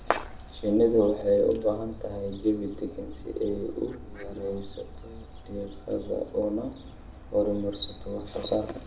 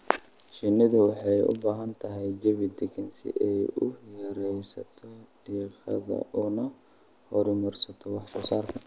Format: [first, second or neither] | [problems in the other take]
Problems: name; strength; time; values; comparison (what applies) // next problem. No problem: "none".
second | background sound (Fowl); 15 dB below the speech // room echo; dies away in 0.9 s